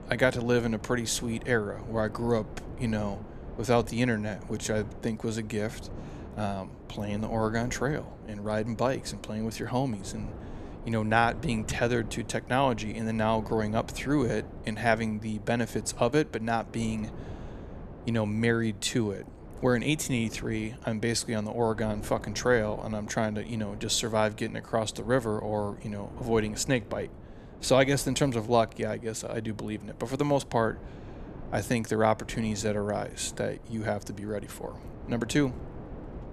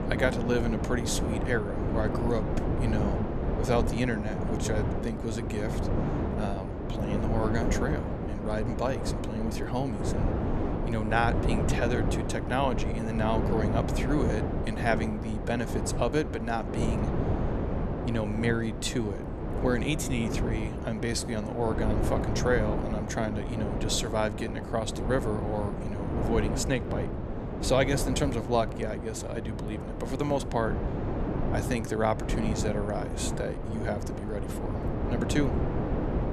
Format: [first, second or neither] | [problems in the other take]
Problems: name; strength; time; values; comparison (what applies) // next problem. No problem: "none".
first | wind noise on the microphone; heavy; 4 dB below the speech; occasional gusts in the first